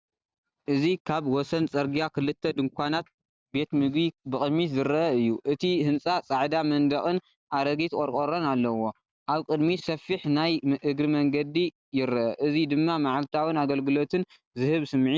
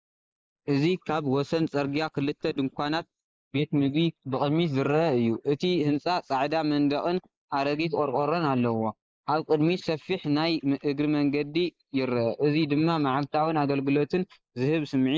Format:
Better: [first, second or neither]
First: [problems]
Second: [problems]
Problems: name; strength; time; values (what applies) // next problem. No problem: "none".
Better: first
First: none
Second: noise reduction (neural mask model Resemble Enhance denoiser)